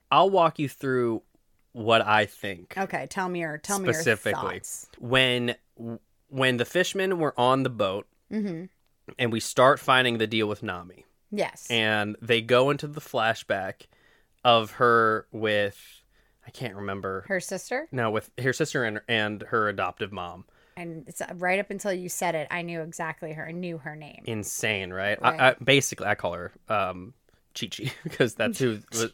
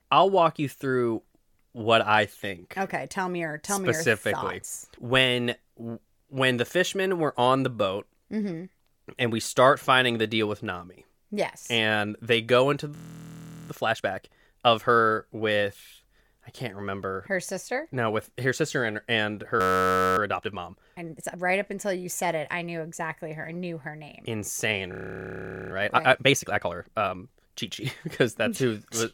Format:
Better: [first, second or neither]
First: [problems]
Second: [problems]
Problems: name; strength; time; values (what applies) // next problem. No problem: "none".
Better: first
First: none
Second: audio freezing; at 13 s for 0.5 s, at 20 s for 0.5 s and at 25 s for 1 s